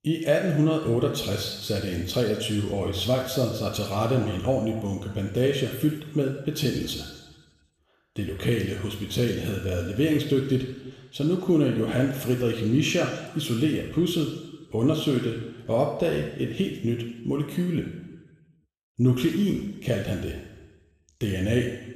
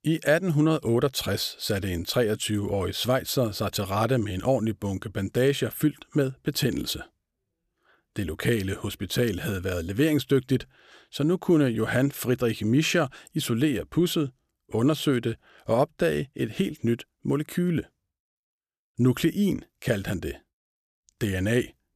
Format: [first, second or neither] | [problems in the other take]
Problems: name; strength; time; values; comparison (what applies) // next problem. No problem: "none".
second | room echo; noticeable; dies away in 1.1 s // off-mic speech; somewhat distant